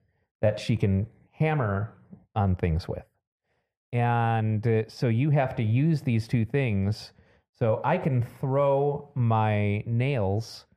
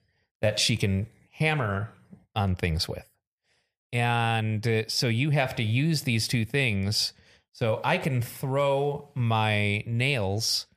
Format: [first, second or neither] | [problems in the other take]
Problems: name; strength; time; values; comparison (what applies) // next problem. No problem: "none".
second | muffled; very; fading above 2.5 kHz